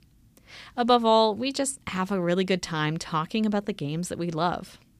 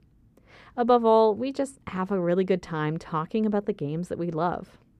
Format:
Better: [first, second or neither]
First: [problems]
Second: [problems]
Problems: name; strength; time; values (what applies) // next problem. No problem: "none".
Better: first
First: none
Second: muffled; slightly; fading above 2.5 kHz